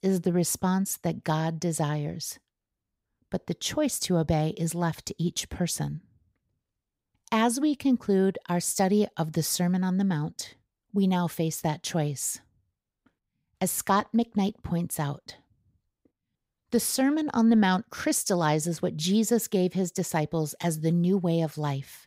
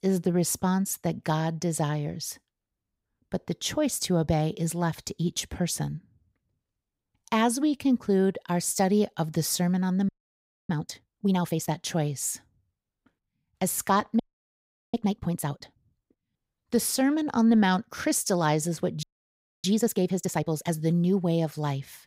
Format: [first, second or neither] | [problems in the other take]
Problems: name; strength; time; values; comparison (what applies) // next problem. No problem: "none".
first | audio freezing; at 10 s for 0.5 s, at 14 s for 0.5 s and at 19 s for 0.5 s